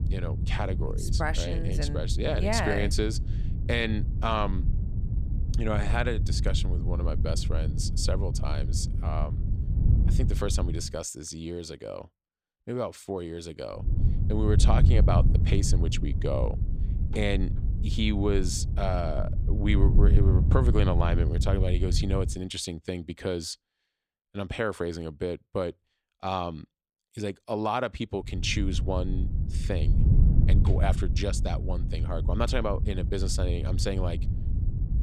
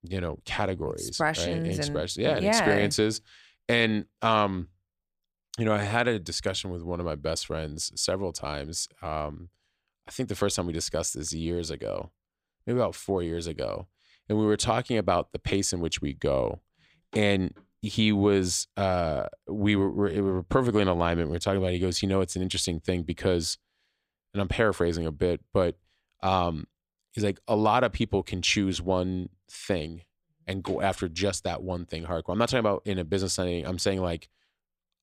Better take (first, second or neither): second